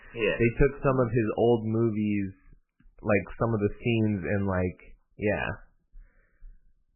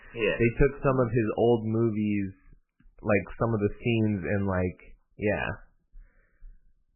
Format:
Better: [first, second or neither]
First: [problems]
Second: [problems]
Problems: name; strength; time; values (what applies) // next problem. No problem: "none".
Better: neither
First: garbled, watery; badly; nothing above 3 kHz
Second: garbled, watery; badly; nothing above 3 kHz